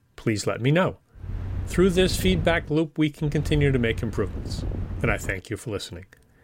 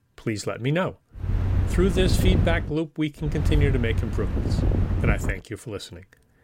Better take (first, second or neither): first